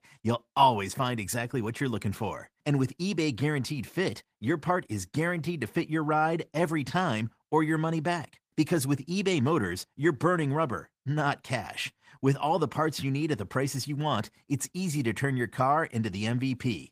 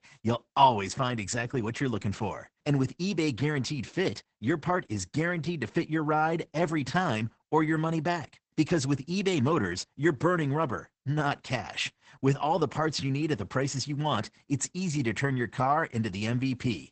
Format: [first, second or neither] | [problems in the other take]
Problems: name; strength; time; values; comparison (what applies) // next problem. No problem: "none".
first | garbled, watery; badly; nothing above 8 kHz; slightly in the first